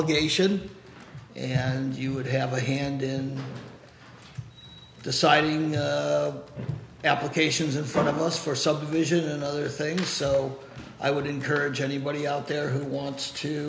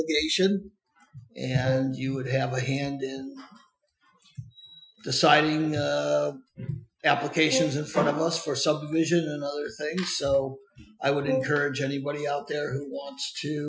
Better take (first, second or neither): first